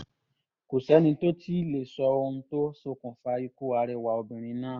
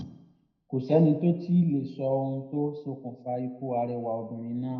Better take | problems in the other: first | room echo; dies away in 0.7 s

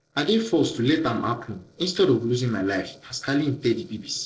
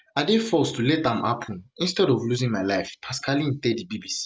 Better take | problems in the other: second | noise reduction (neural separator model SepFormer DNS4)

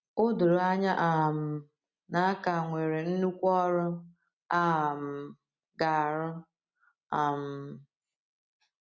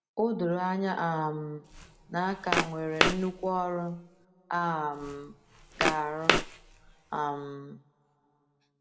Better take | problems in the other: first | background sound (Walk, footsteps); as loud as the speech // room echo; dies away in 2.1 s

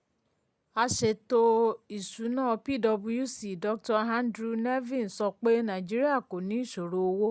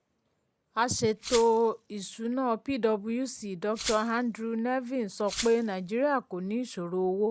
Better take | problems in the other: first | background sound (Glass); 12 dB below the speech

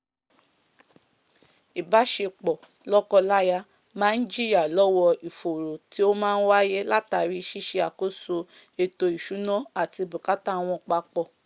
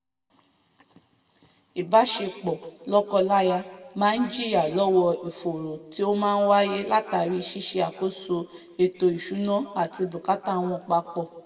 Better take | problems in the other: first | room echo; dies away in 1.2 s

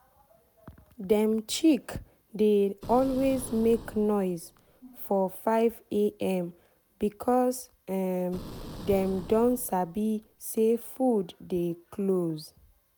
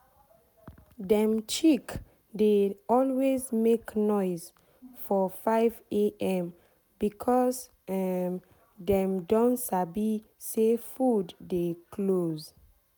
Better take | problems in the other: second | background sound (Boom); 16 dB below the speech

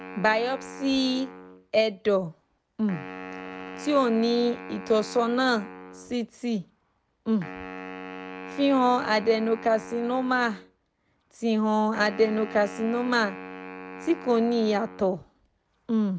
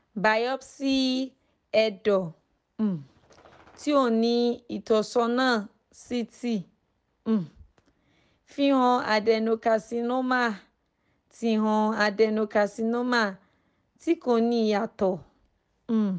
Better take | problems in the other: second | background sound (Wind instrument, woodwind instrument); 15 dB below the speech

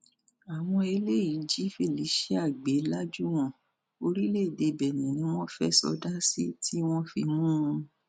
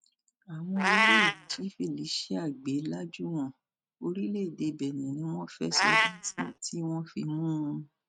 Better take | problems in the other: first | noise reduction (neural mask model RNNoise)

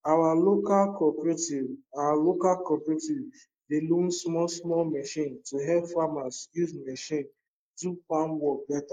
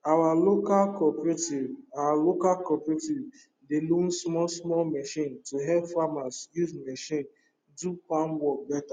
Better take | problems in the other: second | noise reduction (neural mask model Resemble Enhance denoiser)

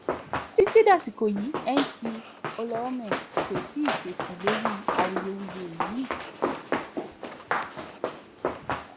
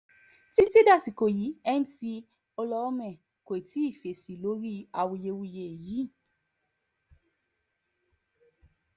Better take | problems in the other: second | background sound (Run); 3 dB below the speech

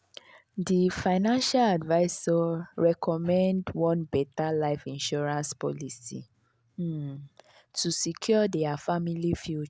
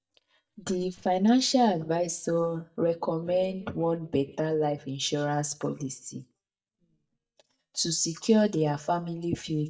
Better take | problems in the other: first | noise reduction (neural mask model DeepFilterNet 3)

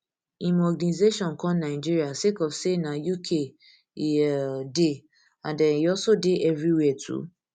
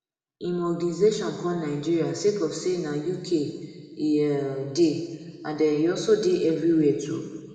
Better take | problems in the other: first | room echo; dies away in 1.6 s

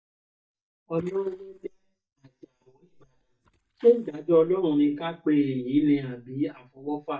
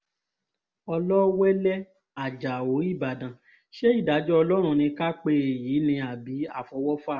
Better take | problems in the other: second | noise reduction (neural mask model DeepFilterNet 3)

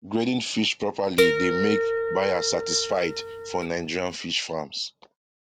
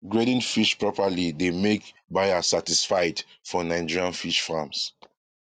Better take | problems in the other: second | background sound (Harp); 1 dB above the speech

